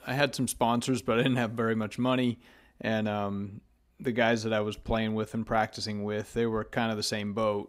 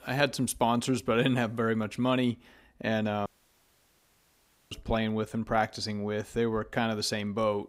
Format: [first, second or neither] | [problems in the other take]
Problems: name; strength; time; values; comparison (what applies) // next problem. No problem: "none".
first | audio cutting out; at 3.5 s for 1.5 s